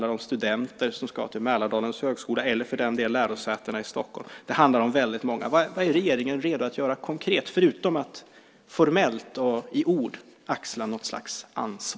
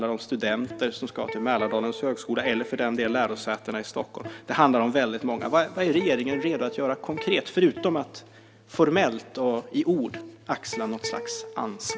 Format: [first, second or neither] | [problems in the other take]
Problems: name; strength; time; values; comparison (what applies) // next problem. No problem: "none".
first | background sound (Electric guitar); 14 dB below the speech